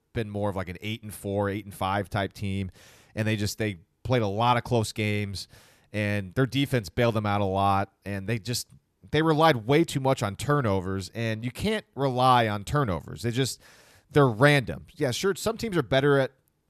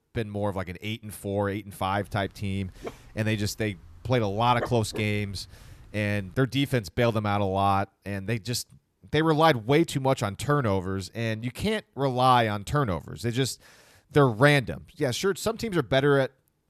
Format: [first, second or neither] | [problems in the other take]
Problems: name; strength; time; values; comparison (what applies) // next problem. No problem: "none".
first | dog barking; noticeable; from 2.5 to 6 s; peak 10 dB below the speech